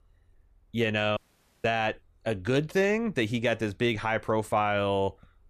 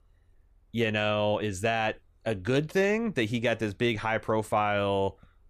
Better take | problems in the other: second | audio cutting out; at 1 s

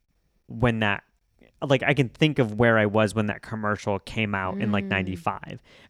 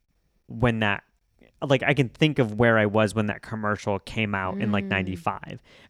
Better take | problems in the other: neither | none

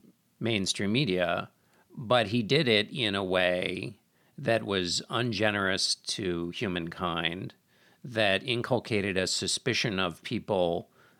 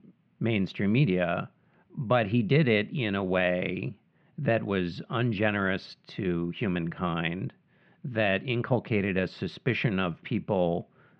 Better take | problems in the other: first | muffled; very; fading above 2.5 kHz

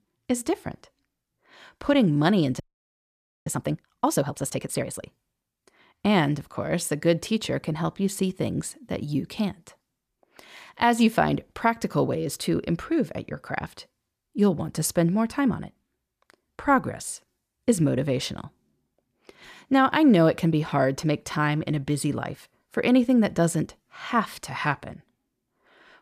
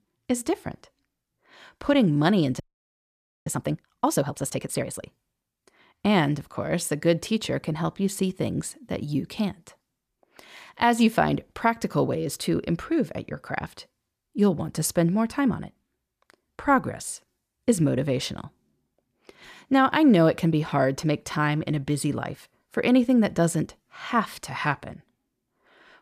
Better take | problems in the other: neither | audio freezing; at 2.5 s for 1 s; the same in both

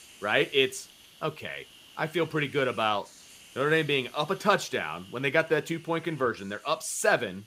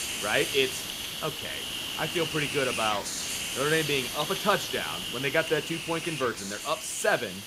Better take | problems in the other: first | hiss; loud; throughout; 3 dB below the speech; faint in the first

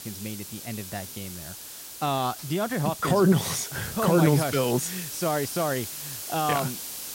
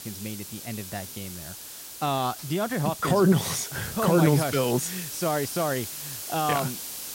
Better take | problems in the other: neither | hiss; loud; throughout; 10 dB below the speech; the same in both

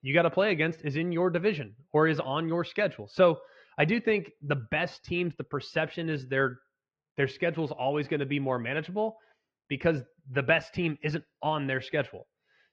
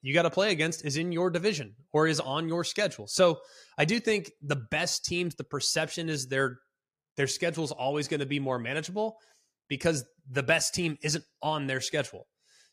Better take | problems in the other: second | muffled; very; fading above 3 kHz

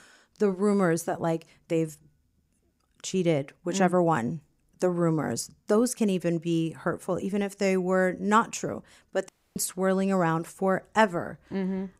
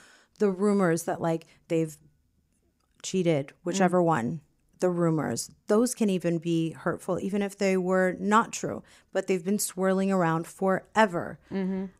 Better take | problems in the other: second | audio cutting out; at 9.5 s

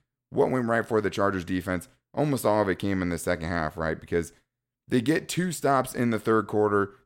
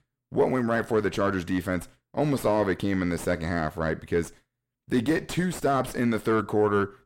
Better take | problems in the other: first | distortion; slight; 10 dB below the speech

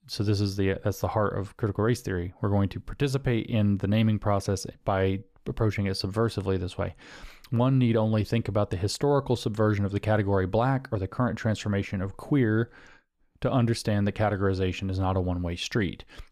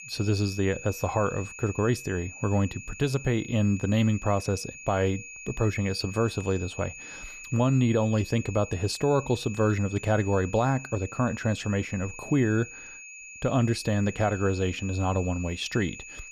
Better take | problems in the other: first | high-pitched whine; noticeable; throughout; 2.5 kHz, 15 dB below the speech

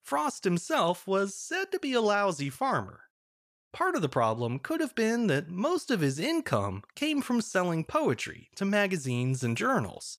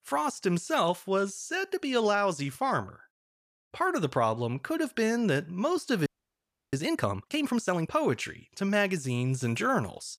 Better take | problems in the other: first | audio freezing; at 6 s for 0.5 s

